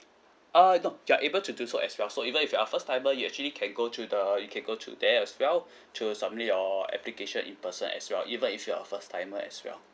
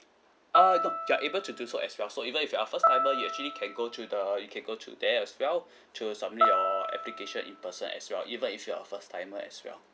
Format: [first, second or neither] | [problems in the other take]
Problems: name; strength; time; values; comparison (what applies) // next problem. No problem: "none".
first | background sound (Piano); 1 dB above the speech